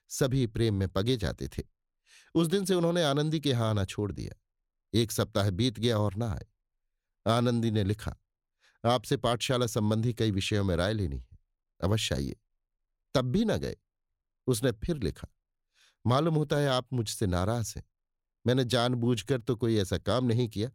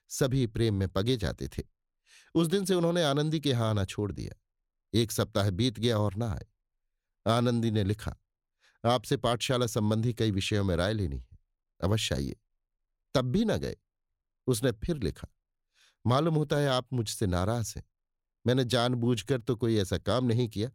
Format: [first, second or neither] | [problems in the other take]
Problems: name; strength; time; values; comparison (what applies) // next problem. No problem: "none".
neither | none